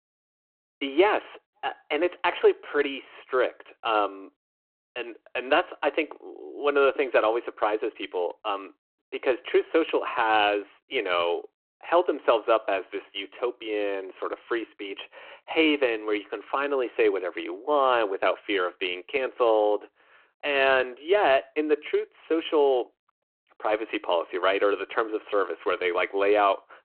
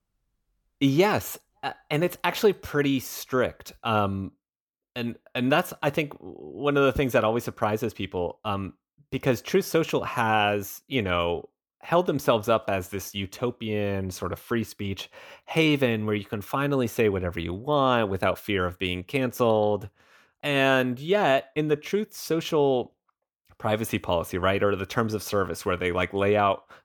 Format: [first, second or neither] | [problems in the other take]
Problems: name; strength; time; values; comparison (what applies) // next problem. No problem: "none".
second | phone-call audio